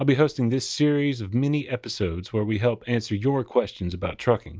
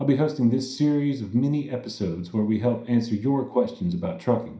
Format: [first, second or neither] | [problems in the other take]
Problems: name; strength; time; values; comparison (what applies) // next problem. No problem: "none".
first | room echo; dies away in 0.5 s